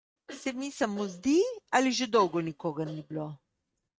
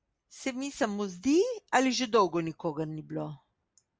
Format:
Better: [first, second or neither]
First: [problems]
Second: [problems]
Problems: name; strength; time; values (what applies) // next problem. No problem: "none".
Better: second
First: noise reduction (neural mask model RNNoise)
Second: none